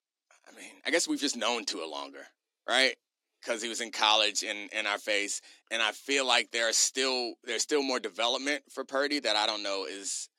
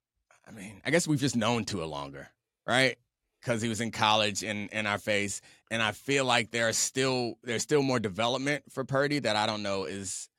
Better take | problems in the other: second | thin; very slightly; fading below 300 Hz

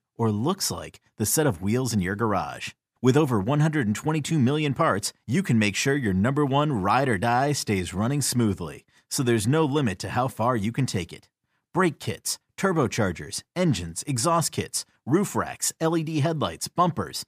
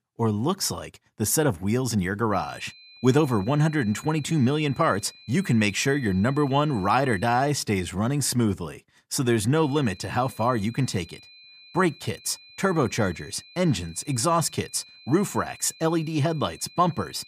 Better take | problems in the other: first | high-pitched whine; faint; from 2.5 to 7.5 s and from 9.5 s on; 4 kHz, 25 dB below the speech

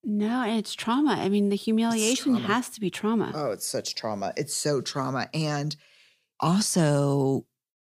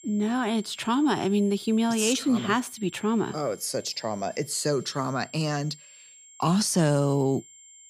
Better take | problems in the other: first | high-pitched whine; faint; throughout; 7.5 kHz, 20 dB below the speech

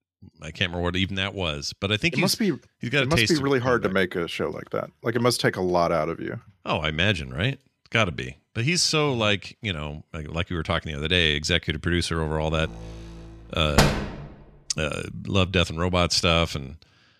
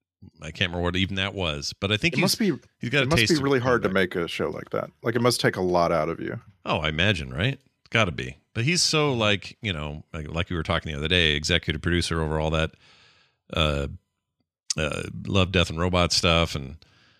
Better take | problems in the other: second | door banging; loud; at 14 s; peak 3 dB above the speech

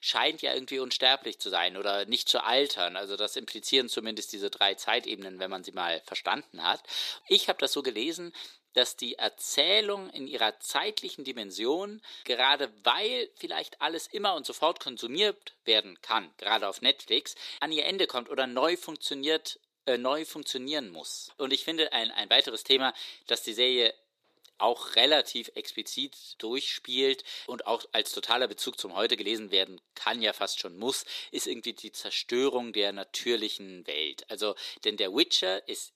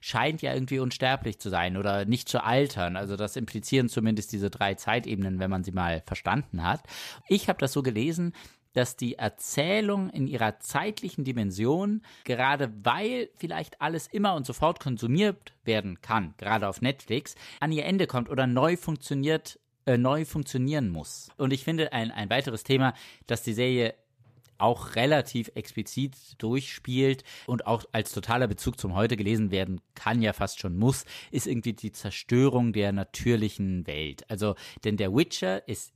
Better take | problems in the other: second | thin; somewhat; fading below 350 Hz

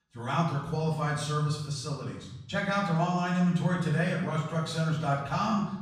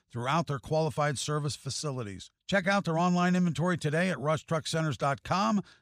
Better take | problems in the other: second | off-mic speech; far // room echo; noticeable; dies away in 1 s

